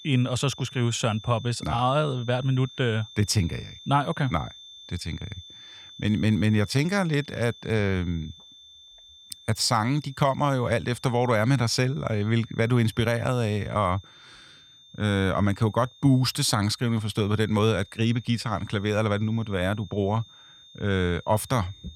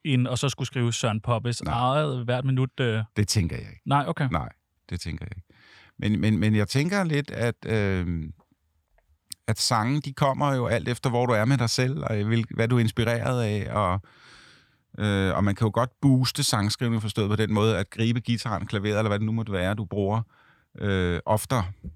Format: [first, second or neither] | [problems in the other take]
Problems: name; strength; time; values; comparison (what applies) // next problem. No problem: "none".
second | high-pitched whine; faint; throughout; 3.5 kHz, 20 dB below the speech